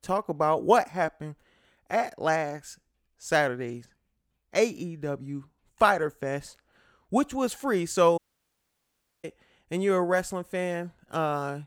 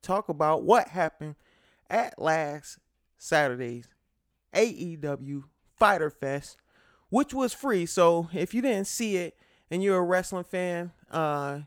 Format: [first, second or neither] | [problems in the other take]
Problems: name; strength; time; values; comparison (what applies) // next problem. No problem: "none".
second | audio cutting out; at 8 s for 1 s